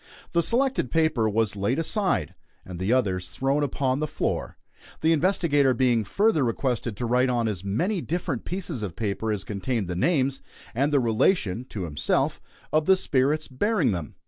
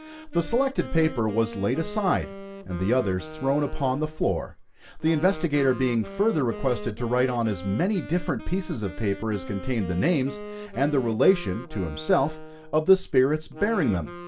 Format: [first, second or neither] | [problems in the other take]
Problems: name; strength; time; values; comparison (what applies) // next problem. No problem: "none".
first | background sound (Wind instrument, woodwind instrument); 14 dB below the speech // room echo; dies away in 0.2 s